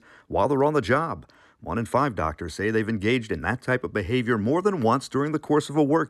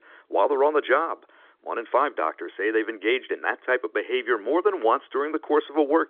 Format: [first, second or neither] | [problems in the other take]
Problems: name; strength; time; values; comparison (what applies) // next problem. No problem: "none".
first | phone-call audio; nothing above 3.5 kHz